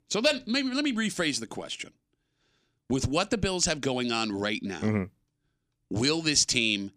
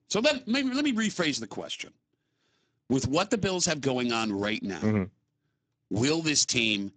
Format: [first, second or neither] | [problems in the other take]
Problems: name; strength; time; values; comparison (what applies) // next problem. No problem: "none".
first | garbled, watery; badly; nothing above 7.5 kHz